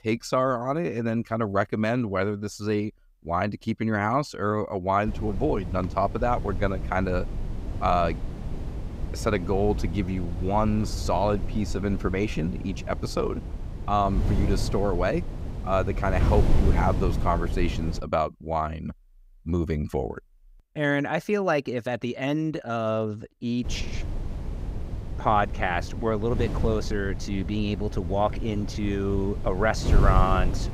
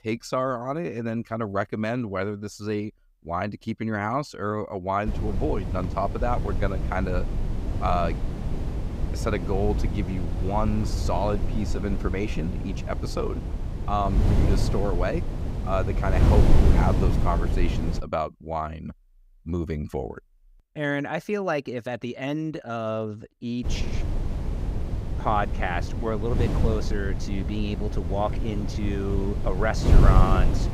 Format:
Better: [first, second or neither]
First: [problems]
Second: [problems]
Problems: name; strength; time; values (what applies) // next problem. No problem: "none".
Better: first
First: wind noise on the microphone; occasional gusts; from 5 to 18 s and from 24 s on; 15 dB below the speech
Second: wind noise on the microphone; heavy; from 5 to 18 s and from 24 s on; 7 dB below the speech